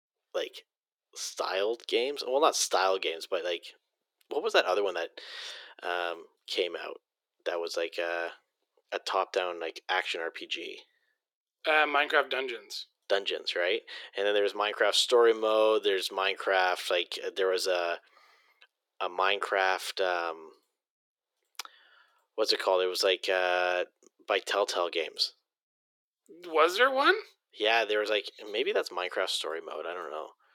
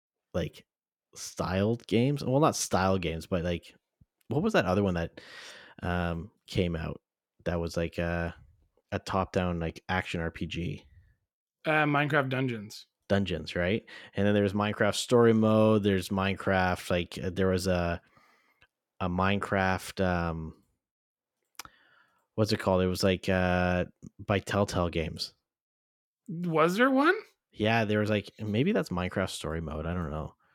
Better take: second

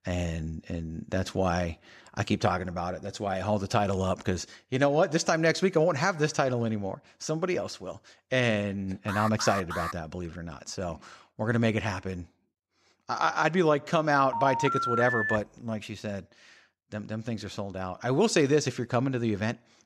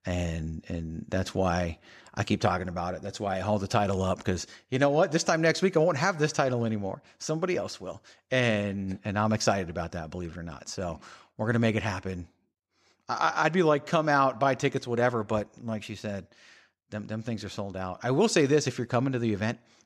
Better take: second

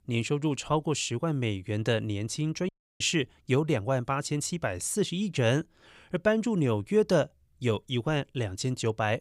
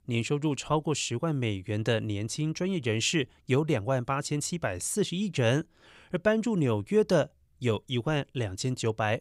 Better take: second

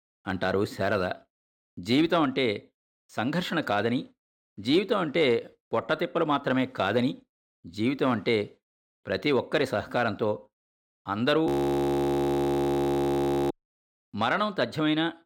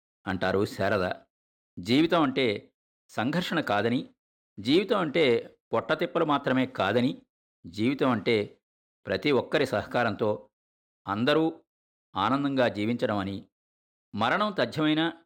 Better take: second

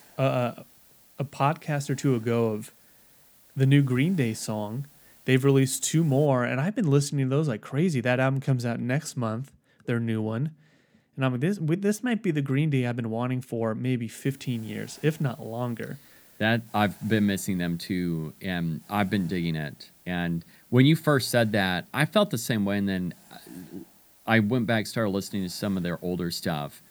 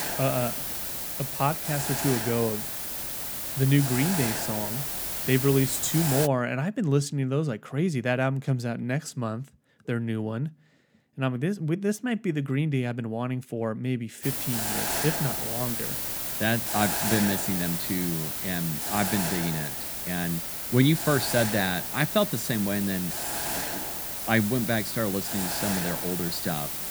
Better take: first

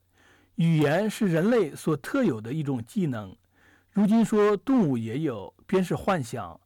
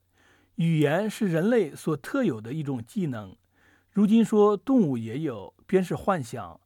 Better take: second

